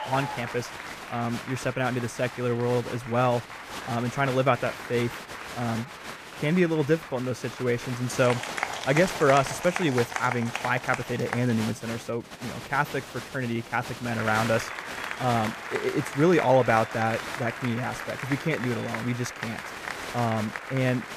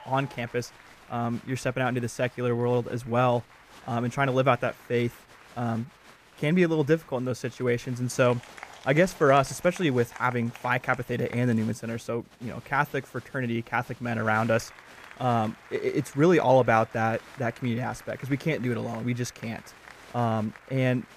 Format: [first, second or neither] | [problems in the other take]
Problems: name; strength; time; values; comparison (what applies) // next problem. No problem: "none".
second | crowd noise; loud; throughout; 8 dB below the speech; faint in the second